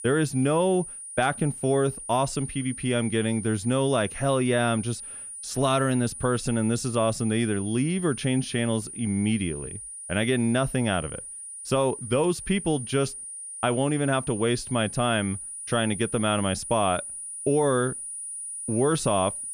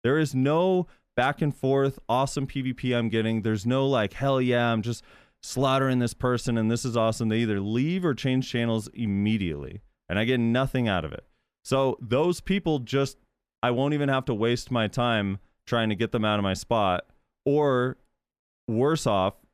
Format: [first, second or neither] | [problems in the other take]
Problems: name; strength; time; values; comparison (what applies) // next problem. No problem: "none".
second | high-pitched whine; loud; throughout; 9.5 kHz, 9 dB below the speech